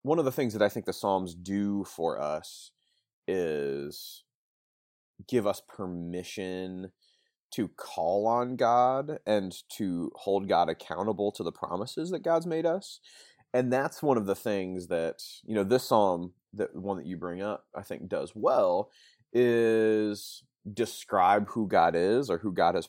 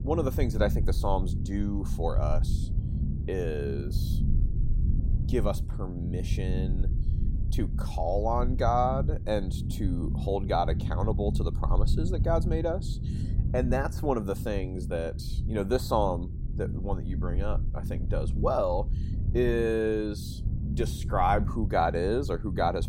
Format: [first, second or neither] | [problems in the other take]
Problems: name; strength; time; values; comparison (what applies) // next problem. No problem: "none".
first | low rumble; noticeable; throughout; 15 dB below the speech